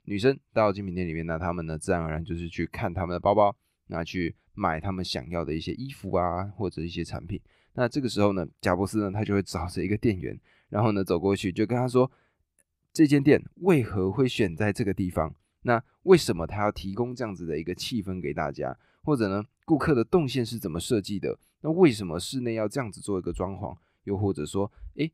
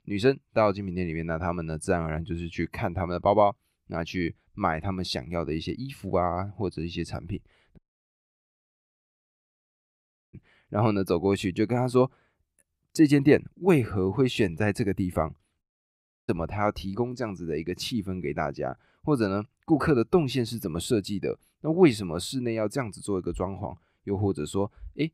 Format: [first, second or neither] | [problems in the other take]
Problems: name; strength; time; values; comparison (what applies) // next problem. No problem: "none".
first | audio cutting out; at 8 s for 2.5 s and at 16 s for 0.5 s